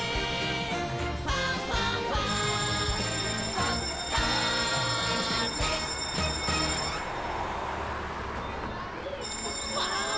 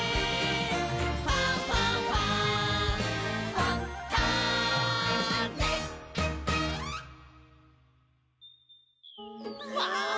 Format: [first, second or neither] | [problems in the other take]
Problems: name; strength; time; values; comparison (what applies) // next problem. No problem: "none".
second | background sound (Motor vehicle (road) + Bell); 2 dB below the speech